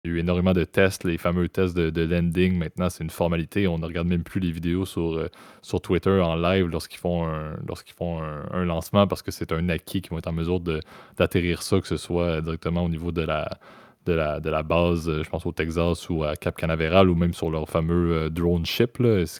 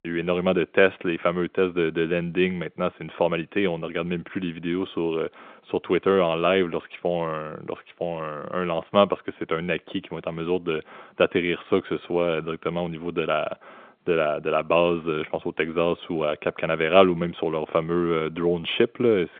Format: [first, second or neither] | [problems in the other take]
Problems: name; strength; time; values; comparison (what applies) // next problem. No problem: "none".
first | phone-call audio; nothing above 3.5 kHz